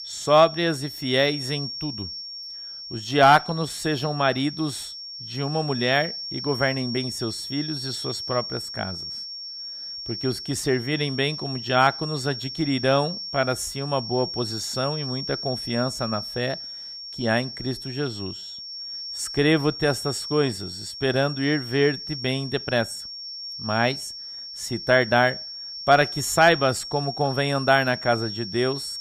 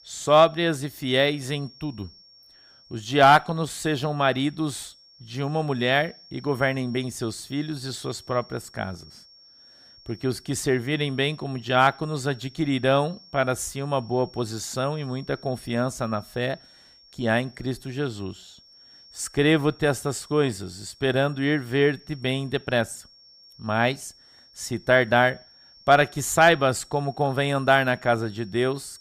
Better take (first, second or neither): second